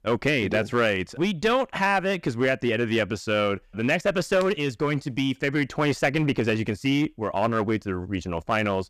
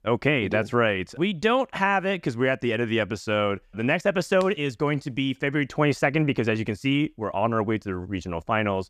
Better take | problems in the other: second | distortion; slight; 5% of the sound clipped

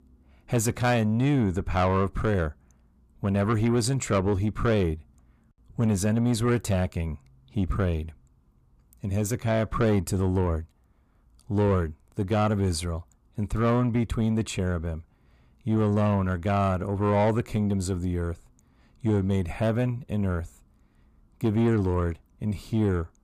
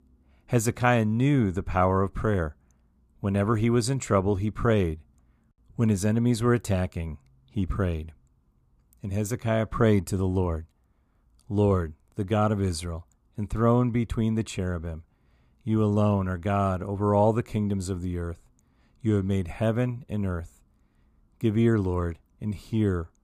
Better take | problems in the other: second | distortion; slight; 10 dB below the speech

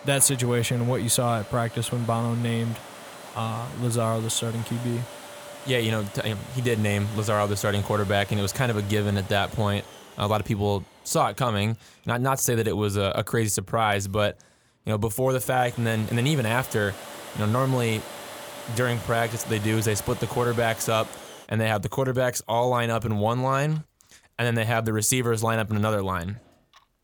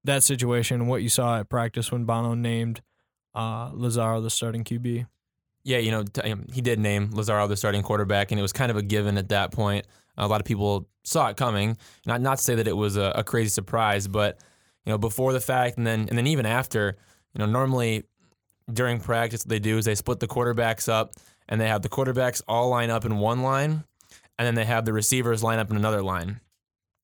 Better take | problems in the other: second | household noises; noticeable; throughout; 15 dB below the speech

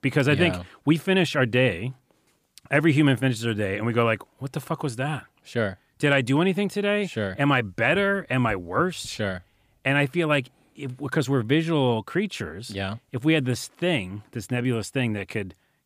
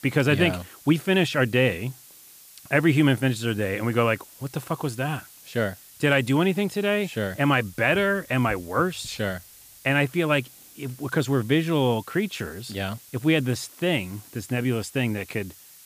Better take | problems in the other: first | hiss; faint; throughout; 20 dB below the speech

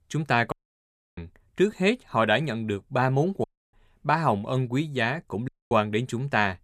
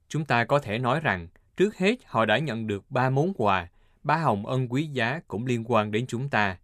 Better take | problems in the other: second | audio cutting out; at 0.5 s for 0.5 s, at 3.5 s and at 5.5 s

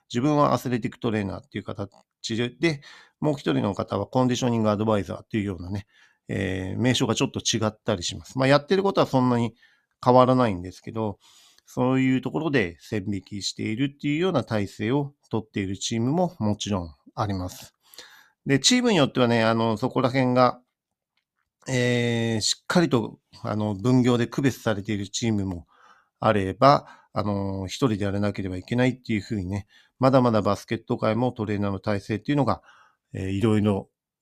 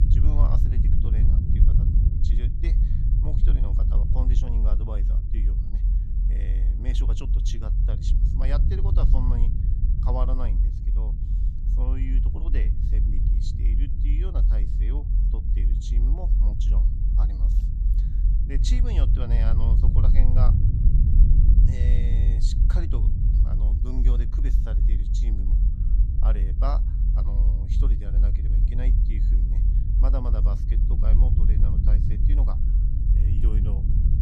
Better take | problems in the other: first | low rumble; loud; throughout; 1 dB below the speech

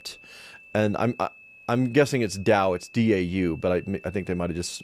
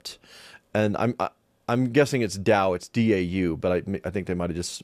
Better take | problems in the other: second | high-pitched whine; faint; throughout; 2.5 kHz, 20 dB below the speech

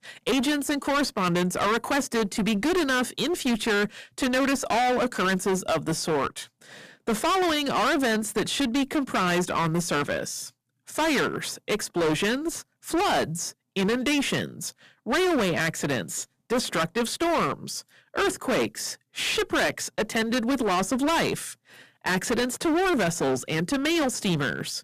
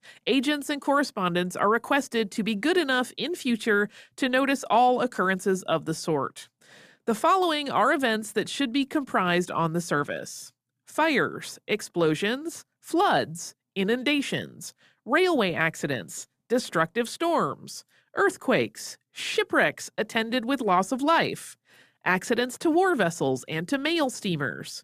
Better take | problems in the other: second | distortion; heavy; 24% of the sound clipped

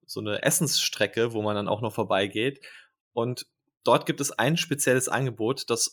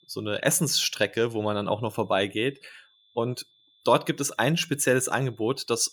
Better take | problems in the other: first | high-pitched whine; faint; throughout; 3.5 kHz, 35 dB below the speech

